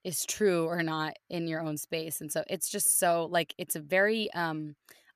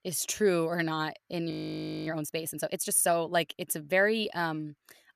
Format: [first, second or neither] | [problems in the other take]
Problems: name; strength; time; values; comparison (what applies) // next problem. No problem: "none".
first | audio freezing; at 1.5 s for 0.5 s